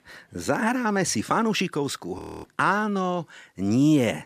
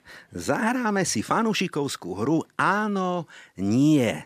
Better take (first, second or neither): second